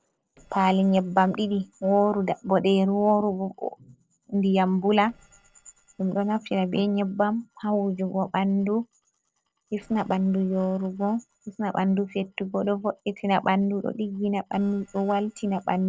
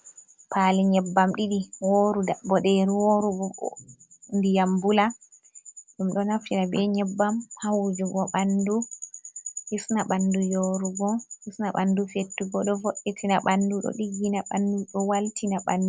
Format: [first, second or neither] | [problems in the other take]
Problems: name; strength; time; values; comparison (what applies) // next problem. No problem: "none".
second | noise reduction (neural separator model SepFormer DNS4)